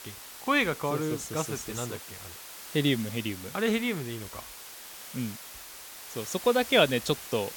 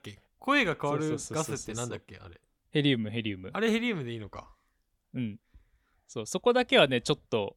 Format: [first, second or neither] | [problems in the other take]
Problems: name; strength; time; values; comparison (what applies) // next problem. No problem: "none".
second | hiss; noticeable; throughout; 10 dB below the speech